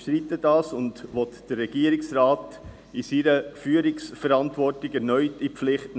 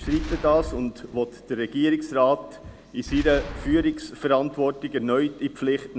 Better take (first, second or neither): first